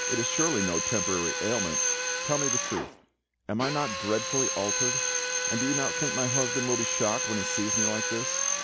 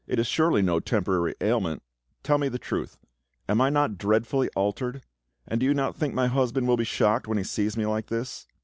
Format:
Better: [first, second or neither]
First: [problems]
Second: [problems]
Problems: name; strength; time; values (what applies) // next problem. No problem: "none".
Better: second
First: background sound (Drill); 2 dB above the speech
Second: none